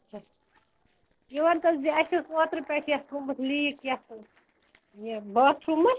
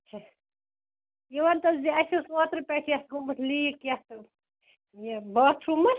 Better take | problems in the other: second | noise reduction (neural separator model SepFormer DNS4)

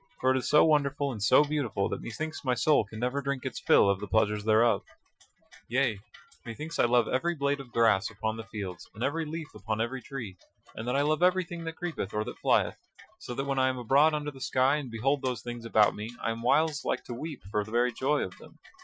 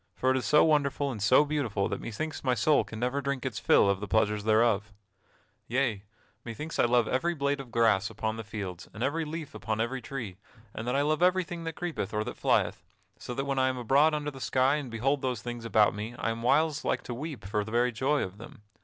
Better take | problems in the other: second | noise reduction (classical method Wiener filter)

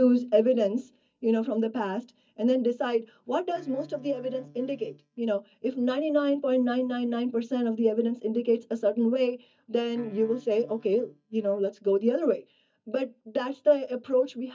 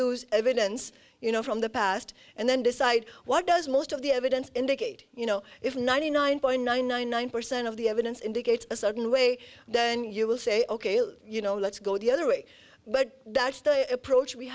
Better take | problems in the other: second | noise reduction (neural mask model DeepFilterNet 3)

